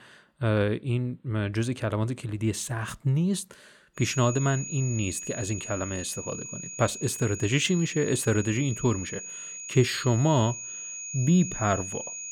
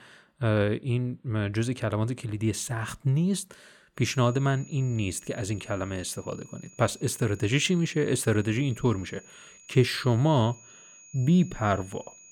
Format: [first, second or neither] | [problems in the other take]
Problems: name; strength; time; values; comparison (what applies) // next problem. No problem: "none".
second | high-pitched whine; loud; from 4 s on; 6.5 kHz, 8 dB below the speech; faint in the second